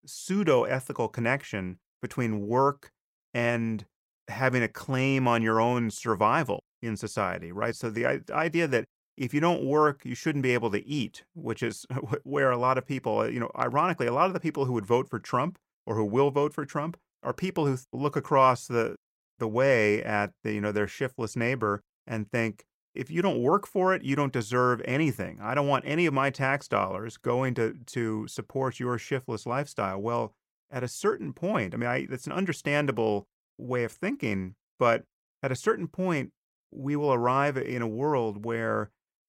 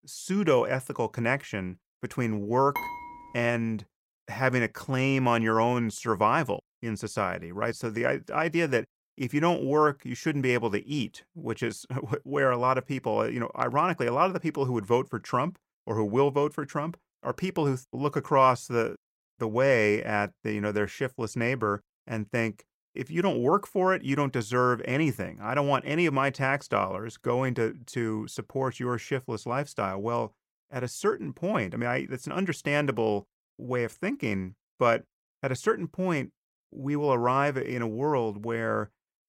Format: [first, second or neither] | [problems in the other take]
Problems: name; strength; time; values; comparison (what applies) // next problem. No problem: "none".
first | clattering dishes; noticeable; at 3 s; peak 6 dB below the speech